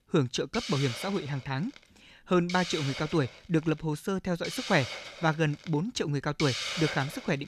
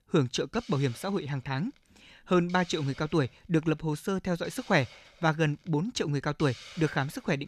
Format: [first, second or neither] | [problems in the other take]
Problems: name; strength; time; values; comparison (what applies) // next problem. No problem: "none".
second | hiss; loud; throughout; 7 dB below the speech; faint in the second